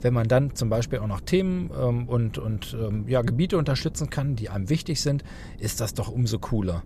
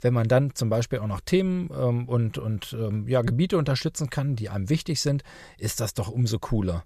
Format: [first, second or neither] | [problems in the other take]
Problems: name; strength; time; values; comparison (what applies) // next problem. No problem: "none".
second | wind noise on the microphone; occasional gusts; 20 dB below the speech